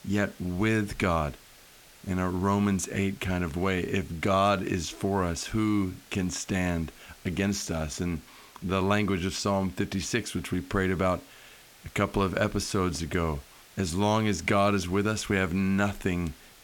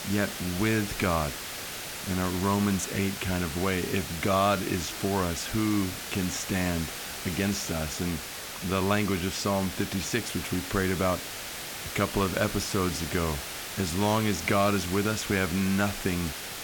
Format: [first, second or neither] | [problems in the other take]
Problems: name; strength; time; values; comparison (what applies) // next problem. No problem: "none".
first | hiss; loud; throughout; 6 dB below the speech; faint in the first